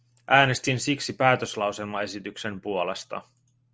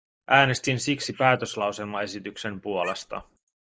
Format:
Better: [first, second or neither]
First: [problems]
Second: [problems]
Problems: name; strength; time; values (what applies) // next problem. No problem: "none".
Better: first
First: none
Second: noise reduction (neural mask model Resemble Enhance denoiser)